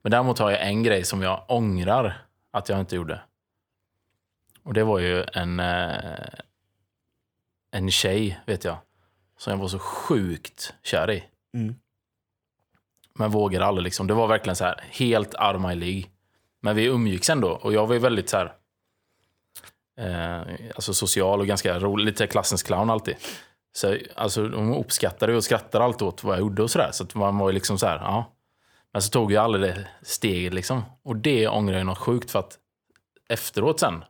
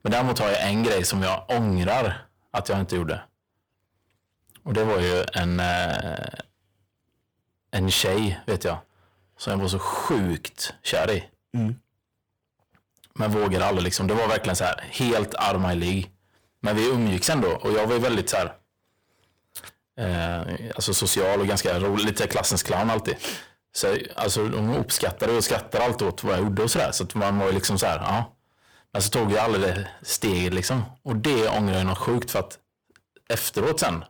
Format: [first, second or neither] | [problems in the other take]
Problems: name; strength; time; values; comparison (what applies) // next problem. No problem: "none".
first | distortion; heavy; 15% of the sound clipped